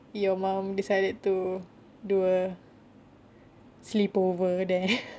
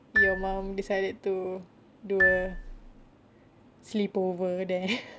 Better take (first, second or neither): first